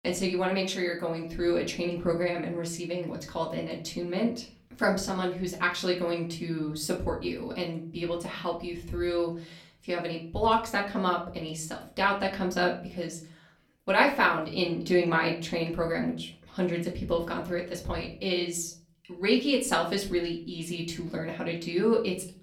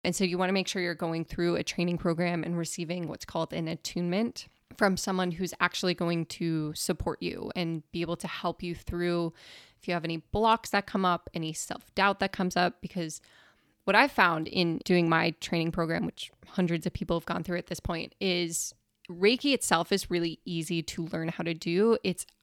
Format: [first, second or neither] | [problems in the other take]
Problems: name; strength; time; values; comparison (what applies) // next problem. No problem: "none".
second | off-mic speech; far // room echo; slight; dies away in 0.4 s